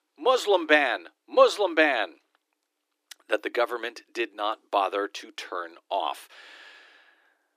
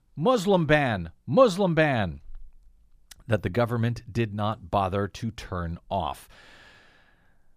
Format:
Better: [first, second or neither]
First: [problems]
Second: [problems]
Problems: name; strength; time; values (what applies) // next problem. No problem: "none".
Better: second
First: thin; very; fading below 300 Hz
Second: none